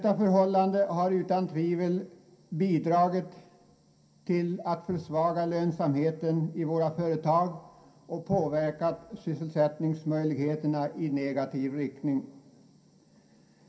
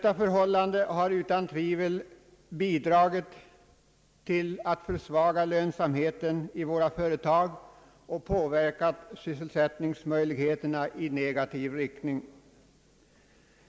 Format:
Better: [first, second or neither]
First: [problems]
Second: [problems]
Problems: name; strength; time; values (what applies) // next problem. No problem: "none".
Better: second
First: room echo; dies away in 0.3 s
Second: none